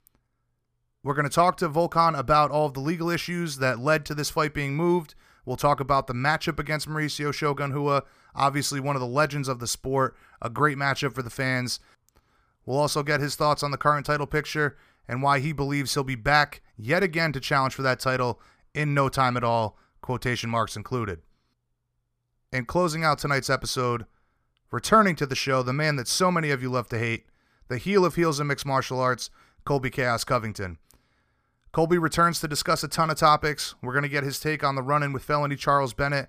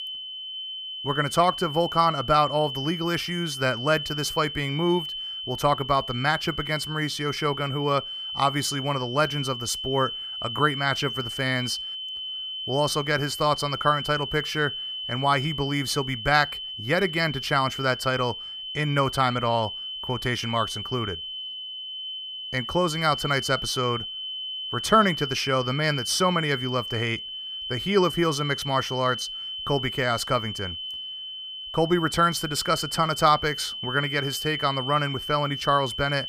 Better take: first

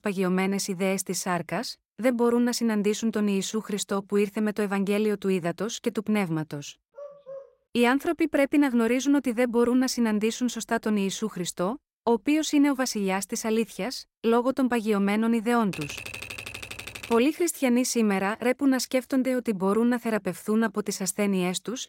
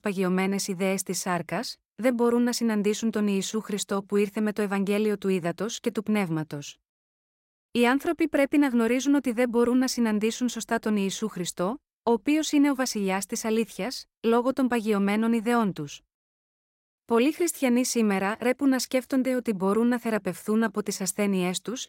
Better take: second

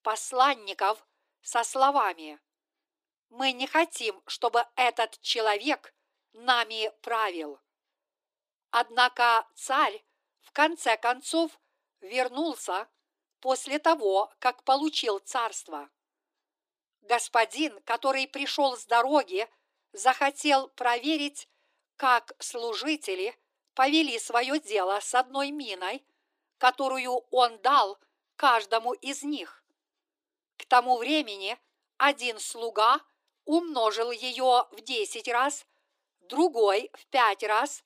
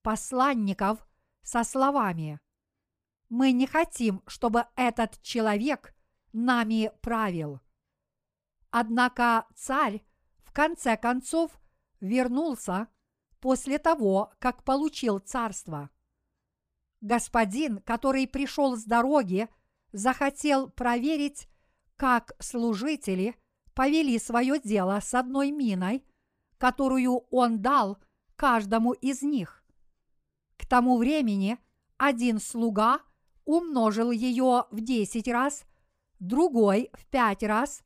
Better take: second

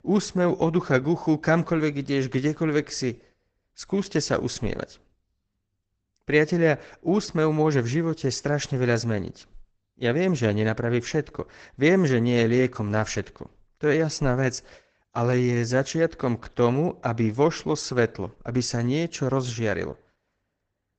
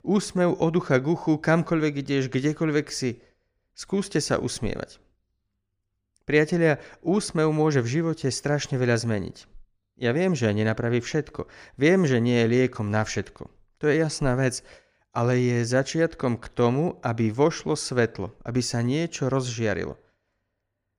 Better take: second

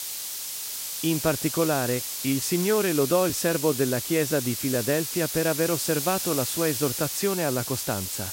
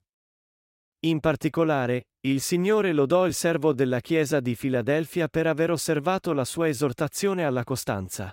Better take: second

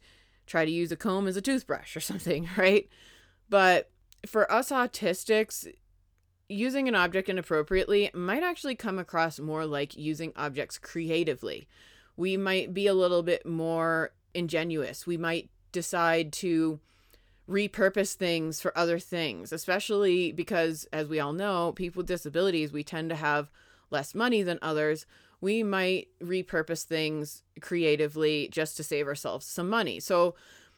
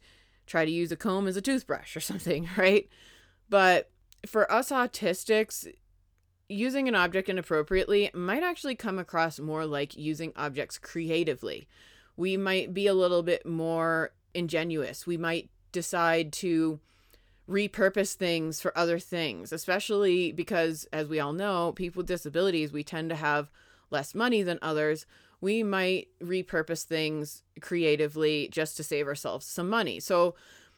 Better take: neither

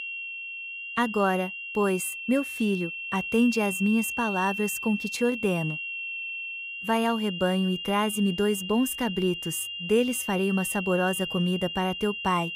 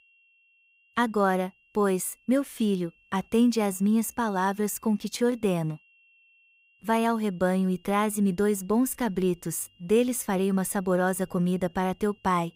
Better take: second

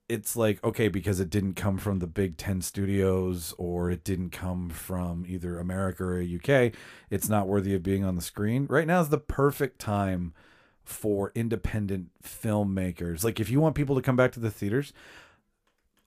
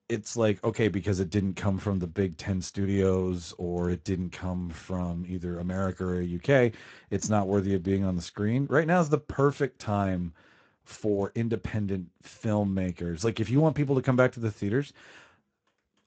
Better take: first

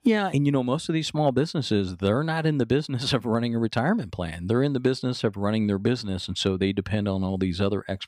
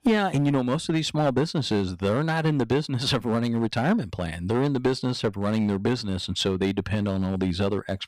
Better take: first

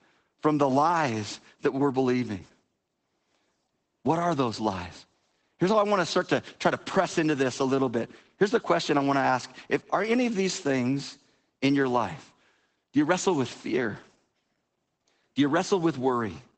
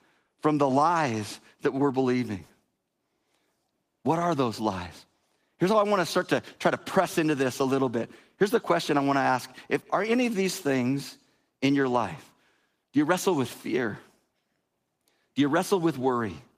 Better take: second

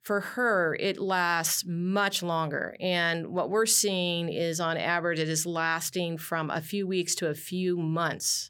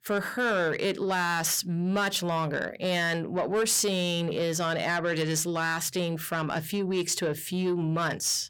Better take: first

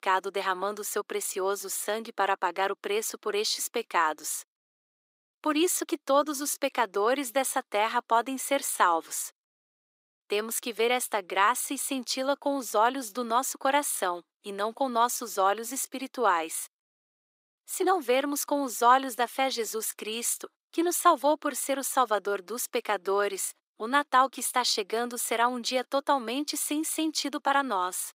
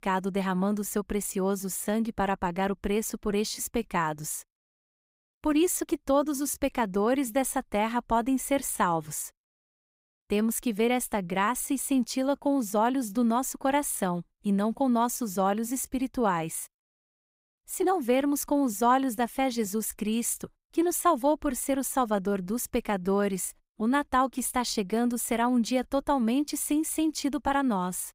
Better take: second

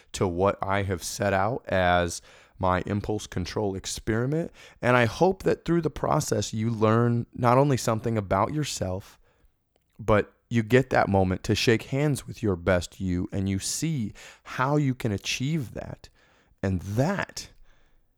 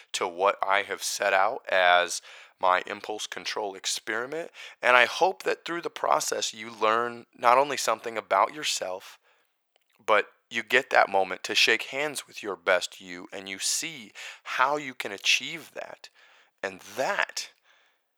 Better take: first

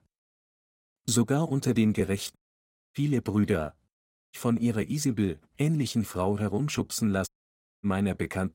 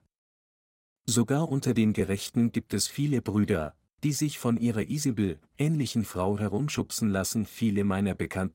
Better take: second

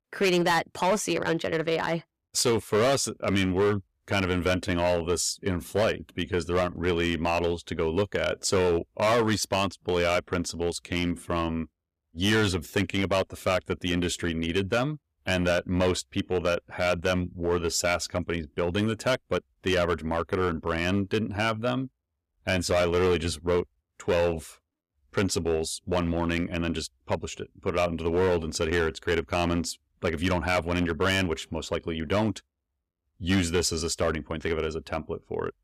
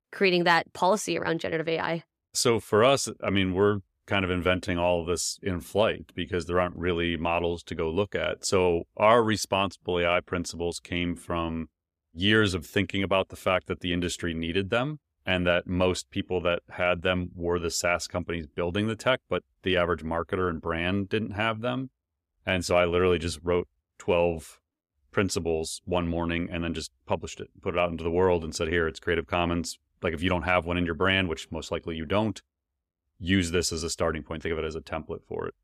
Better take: second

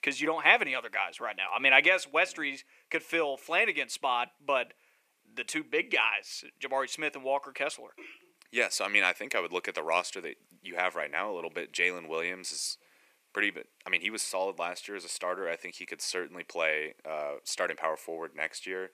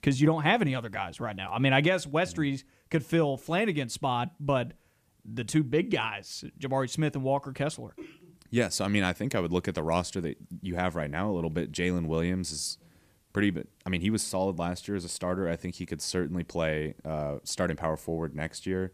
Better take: second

